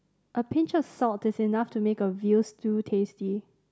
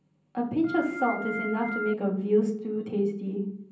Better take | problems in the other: first | background sound (Organ); 7 dB below the speech // room echo; dies away in 0.6 s

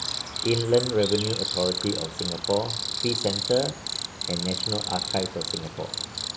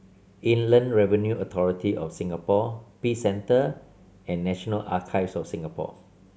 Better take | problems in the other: second | background sound (Cricket); 3 dB below the speech

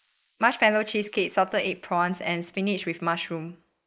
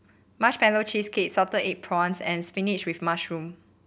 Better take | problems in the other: second | noise reduction (neural mask model Resemble Enhance denoiser)

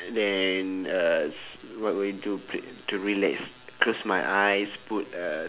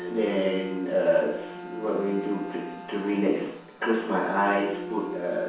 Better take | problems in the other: first | background sound (Bowed string instrument); 12 dB below the speech // room echo; dies away in 0.7 s

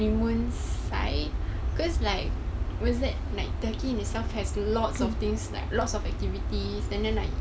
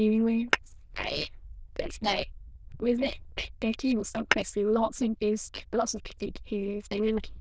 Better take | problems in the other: first | noise reduction (neural diffusion model UNIVERSE++)

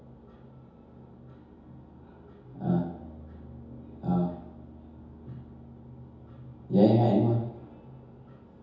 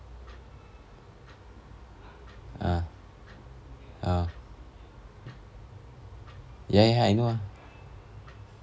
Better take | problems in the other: second | background sound (Brass instrument); 20 dB below the speech // room echo; dies away in 0.8 s

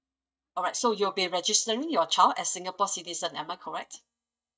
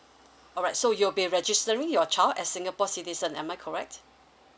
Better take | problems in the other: second | noise reduction (neural mask model DeepFilterNet 3)

